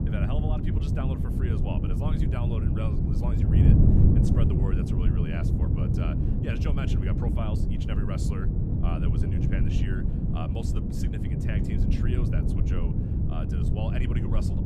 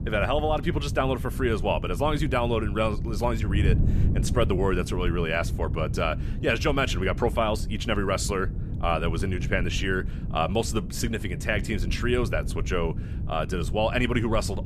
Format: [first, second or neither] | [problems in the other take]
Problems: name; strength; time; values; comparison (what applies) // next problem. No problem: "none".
second | wind noise on the microphone; heavy; 4 dB above the speech; occasional gusts in the second